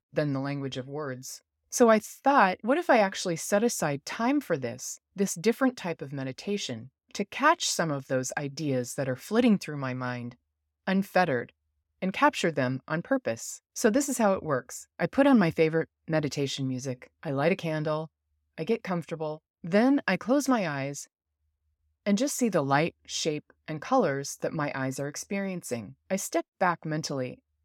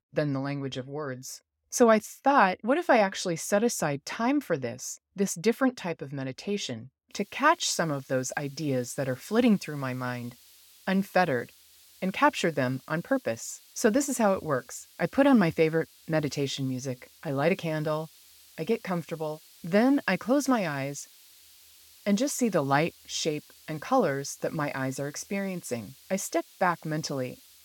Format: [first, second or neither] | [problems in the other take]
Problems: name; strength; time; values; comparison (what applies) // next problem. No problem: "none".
first | hiss; faint; from 7 s on; 25 dB below the speech